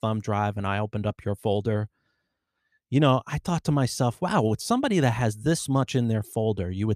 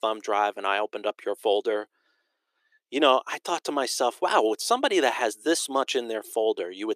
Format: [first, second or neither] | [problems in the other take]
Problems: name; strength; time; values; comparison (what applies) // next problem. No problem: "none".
first | thin; very; fading below 350 Hz